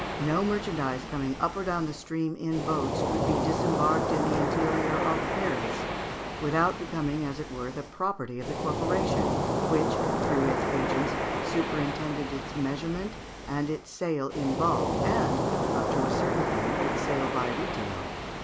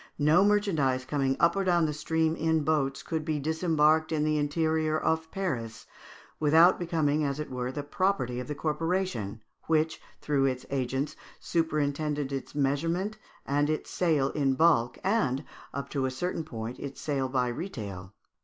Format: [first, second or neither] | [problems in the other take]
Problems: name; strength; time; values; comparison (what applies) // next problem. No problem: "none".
second | background sound (Waves, surf); 1 dB above the speech